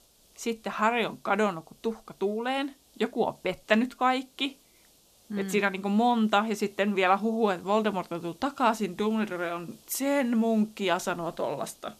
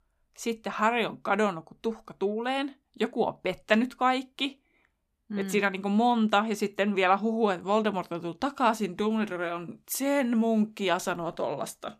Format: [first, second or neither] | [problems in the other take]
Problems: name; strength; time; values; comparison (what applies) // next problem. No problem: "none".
second | hiss; faint; throughout; 30 dB below the speech